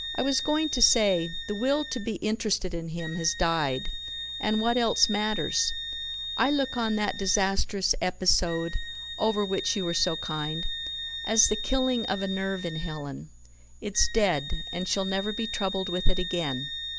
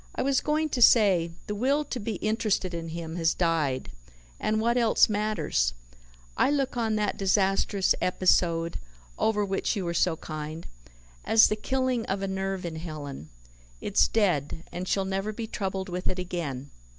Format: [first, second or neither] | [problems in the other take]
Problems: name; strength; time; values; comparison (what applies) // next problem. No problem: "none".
second | background sound (Wind instrument, woodwind instrument); 9 dB below the speech